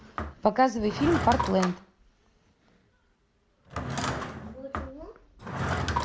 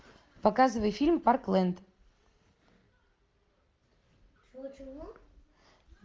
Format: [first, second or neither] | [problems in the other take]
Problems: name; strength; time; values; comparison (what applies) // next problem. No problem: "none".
second | background sound (Drawer open or close / Wood); 4 dB below the speech